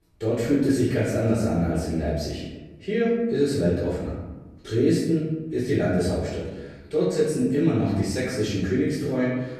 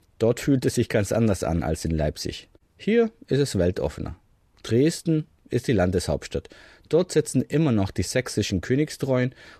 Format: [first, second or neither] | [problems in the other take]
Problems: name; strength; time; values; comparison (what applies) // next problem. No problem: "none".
second | off-mic speech; far // room echo; noticeable; dies away in 1 s